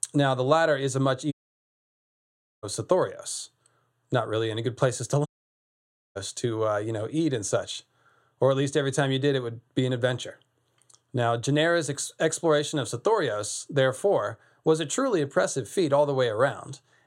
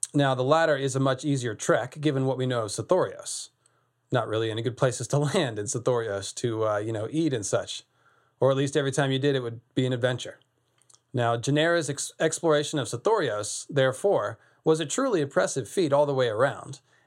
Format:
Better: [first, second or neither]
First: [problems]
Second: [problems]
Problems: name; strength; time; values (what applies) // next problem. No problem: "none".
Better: second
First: audio cutting out; at 1.5 s for 1.5 s and at 5.5 s for 1 s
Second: none